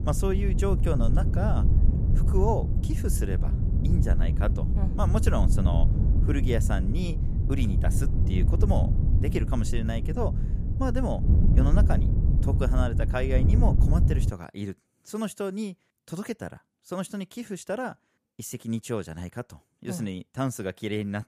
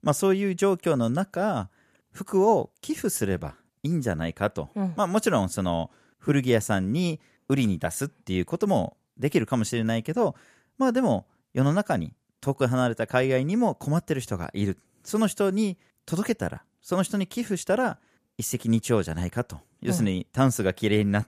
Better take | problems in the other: second | wind noise on the microphone; heavy; until 14 s; 5 dB below the speech

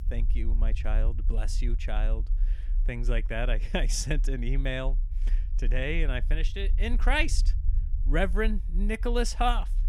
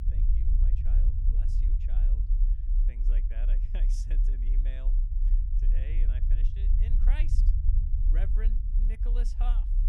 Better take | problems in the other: first | low rumble; loud; throughout; 2 dB below the speech; faint in the first

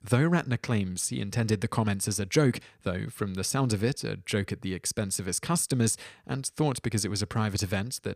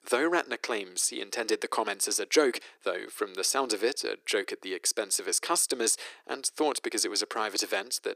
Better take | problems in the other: first | thin; very; fading below 350 Hz

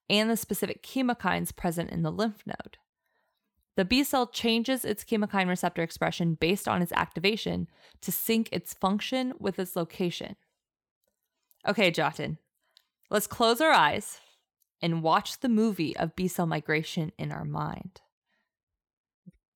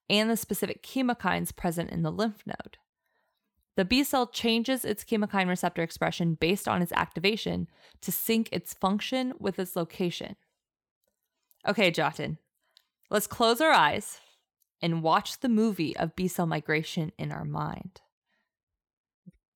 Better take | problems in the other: neither | none

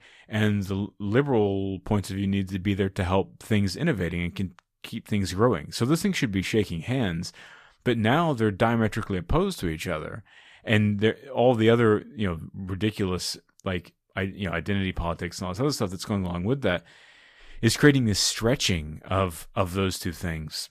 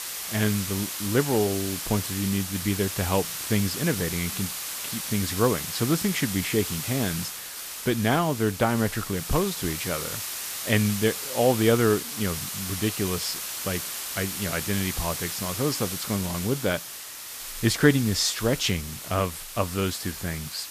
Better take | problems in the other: first | hiss; loud; throughout; 5 dB below the speech

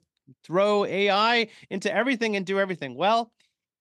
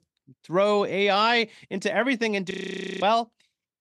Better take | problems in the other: first | audio freezing; at 2.5 s for 0.5 s

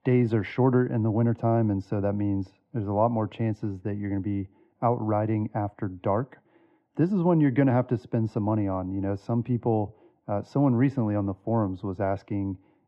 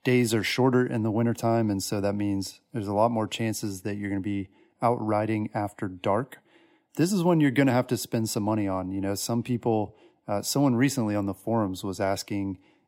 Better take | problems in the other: second | muffled; very; fading above 1.5 kHz

